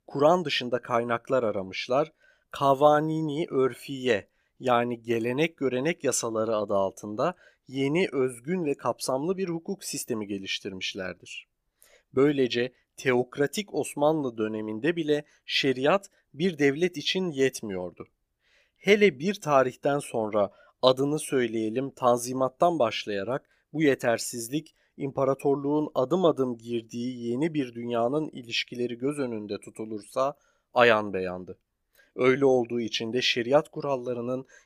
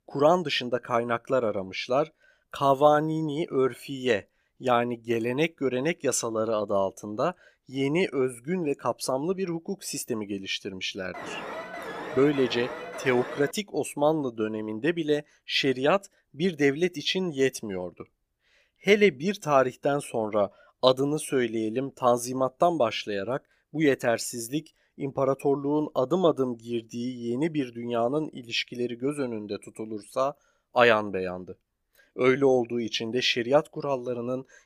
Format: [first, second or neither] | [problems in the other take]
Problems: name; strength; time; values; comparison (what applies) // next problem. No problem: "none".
first | alarm; noticeable; from 11 to 14 s; peak 9 dB below the speech